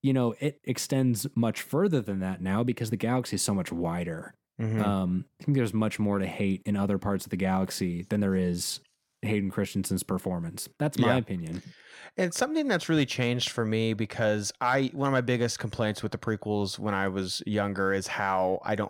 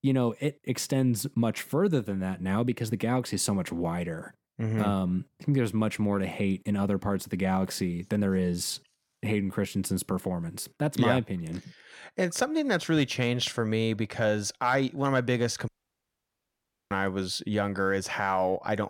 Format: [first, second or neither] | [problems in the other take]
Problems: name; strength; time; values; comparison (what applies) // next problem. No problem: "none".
first | audio cutting out; at 16 s for 1 s